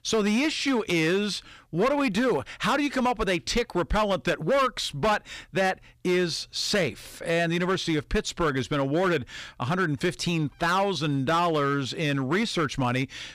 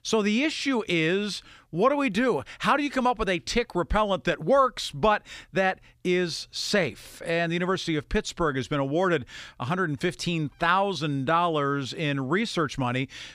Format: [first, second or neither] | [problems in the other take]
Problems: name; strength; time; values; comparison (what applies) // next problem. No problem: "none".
second | distortion; slight; 9% of the sound clipped